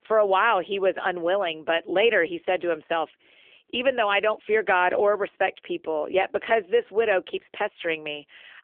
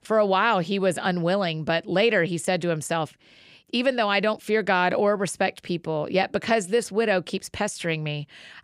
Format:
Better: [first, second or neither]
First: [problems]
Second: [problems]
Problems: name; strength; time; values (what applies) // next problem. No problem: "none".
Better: second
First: phone-call audio; nothing above 3 kHz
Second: none